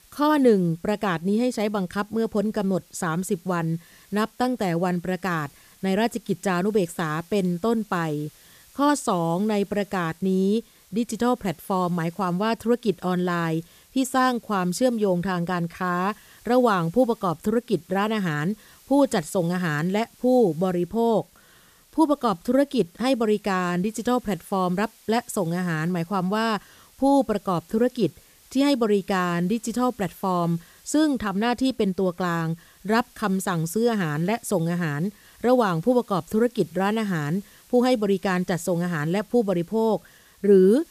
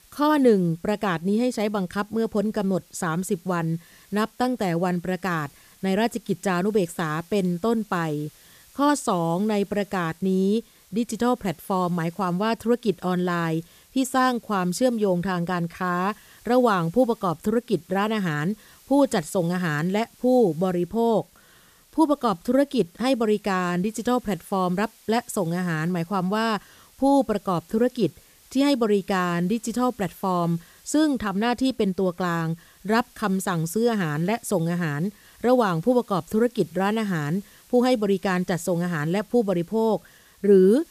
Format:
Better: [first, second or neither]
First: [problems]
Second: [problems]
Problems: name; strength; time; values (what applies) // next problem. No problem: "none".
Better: neither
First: hiss; faint; throughout; 30 dB below the speech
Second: hiss; faint; throughout; 30 dB below the speech